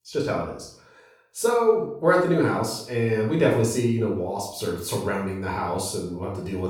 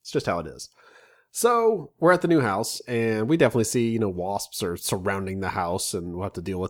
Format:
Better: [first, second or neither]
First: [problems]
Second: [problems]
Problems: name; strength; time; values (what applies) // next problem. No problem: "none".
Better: second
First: off-mic speech; far // room echo; noticeable; dies away in 0.5 s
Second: none